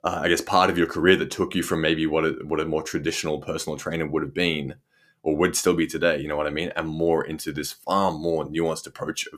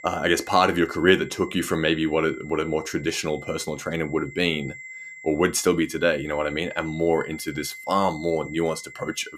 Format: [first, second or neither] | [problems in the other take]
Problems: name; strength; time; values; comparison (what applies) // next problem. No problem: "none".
first | high-pitched whine; noticeable; throughout; 2 kHz, 15 dB below the speech